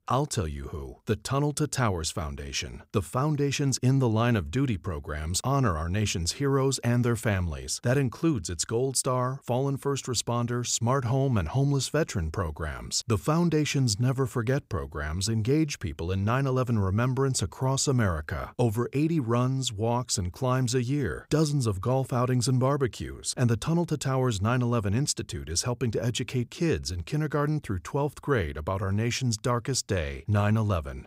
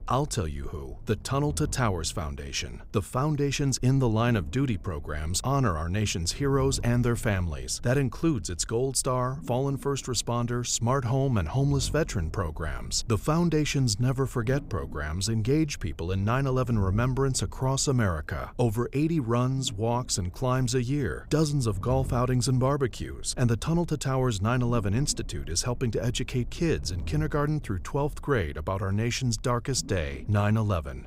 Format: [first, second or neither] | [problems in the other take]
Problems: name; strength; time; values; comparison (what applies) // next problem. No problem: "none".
first | low rumble; faint; throughout; 25 dB below the speech